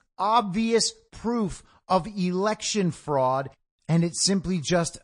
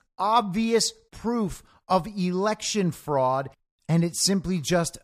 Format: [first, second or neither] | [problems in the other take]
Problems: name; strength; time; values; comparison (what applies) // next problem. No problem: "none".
second | garbled, watery; slightly; nothing above 8.5 kHz